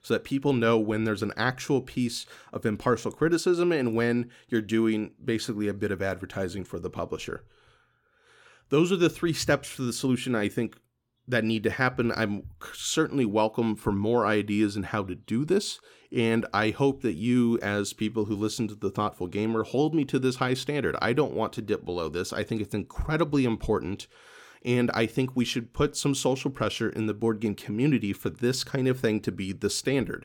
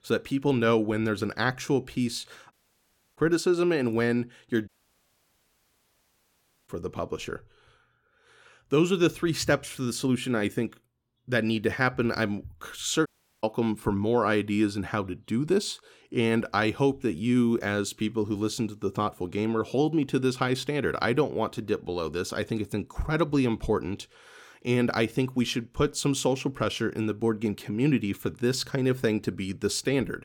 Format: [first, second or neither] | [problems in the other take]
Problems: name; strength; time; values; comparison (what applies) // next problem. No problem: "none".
first | audio cutting out; at 2.5 s for 0.5 s, at 4.5 s for 2 s and at 13 s